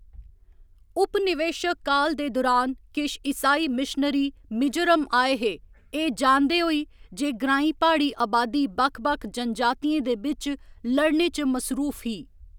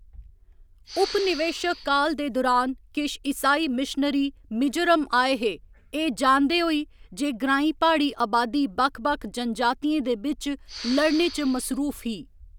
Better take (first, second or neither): first